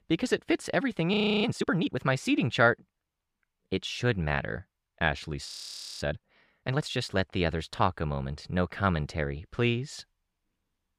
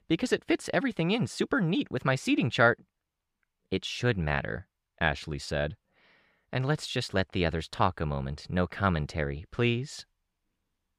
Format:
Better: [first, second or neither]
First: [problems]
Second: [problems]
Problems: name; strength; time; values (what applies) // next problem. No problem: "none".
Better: second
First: audio freezing; at 1 s and at 5.5 s for 0.5 s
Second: none